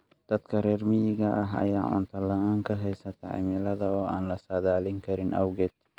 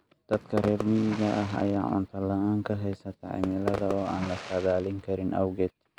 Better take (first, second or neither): first